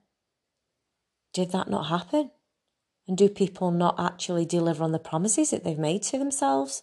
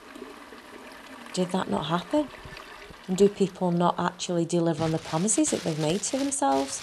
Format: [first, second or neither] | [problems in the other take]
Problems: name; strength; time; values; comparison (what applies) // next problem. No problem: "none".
first | household noises; noticeable; throughout; 15 dB below the speech